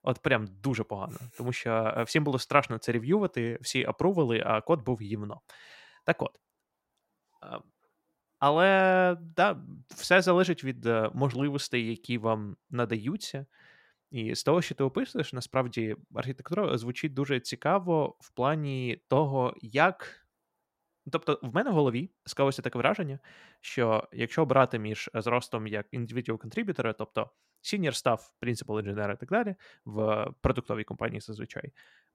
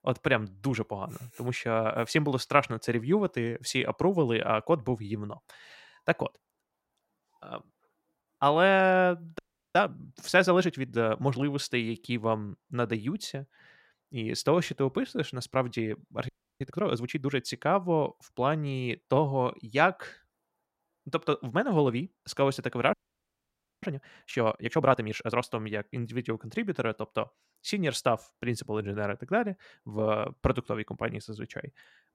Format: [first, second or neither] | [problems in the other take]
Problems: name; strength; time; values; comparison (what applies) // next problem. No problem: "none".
first | audio freezing; at 9.5 s, at 16 s and at 23 s for 1 s